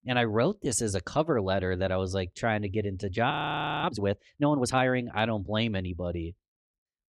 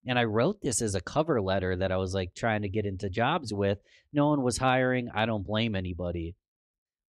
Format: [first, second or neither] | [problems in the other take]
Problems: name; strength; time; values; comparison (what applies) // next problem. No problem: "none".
second | audio freezing; at 3.5 s for 0.5 s